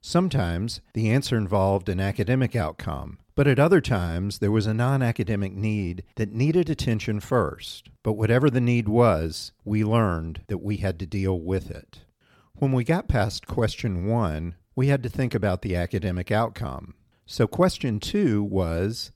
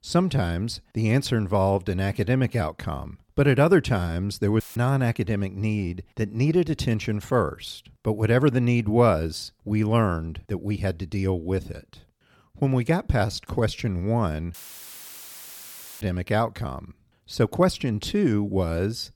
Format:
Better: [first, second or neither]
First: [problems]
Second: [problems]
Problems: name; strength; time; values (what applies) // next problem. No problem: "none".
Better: first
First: none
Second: audio cutting out; filled with static; at 4.5 s and at 15 s for 1.5 s